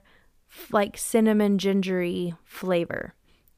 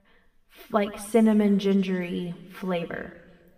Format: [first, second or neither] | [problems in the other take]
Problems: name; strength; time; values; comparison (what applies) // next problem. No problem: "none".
first | room echo; slight; dies away in 1.5 s